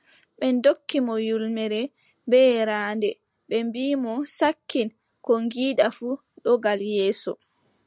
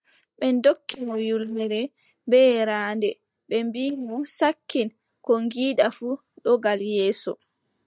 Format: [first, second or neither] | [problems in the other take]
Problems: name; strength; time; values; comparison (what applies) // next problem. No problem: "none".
first | noise reduction (neural mask model DeepFilterNet 3)